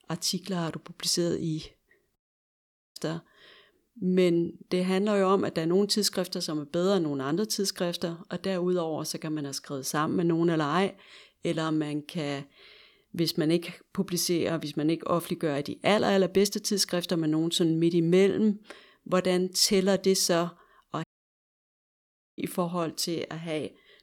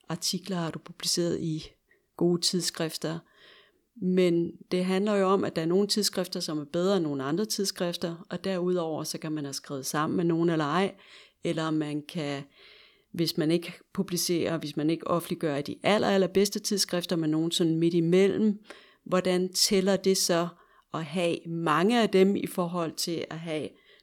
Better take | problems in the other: second | audio cutting out; at 2 s for 1 s and at 21 s for 1.5 s

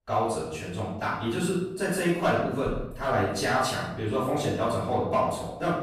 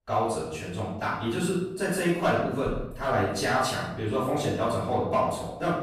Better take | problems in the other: neither | off-mic speech; far; the same in both // room echo; noticeable; dies away in 0.7 s; the same in both

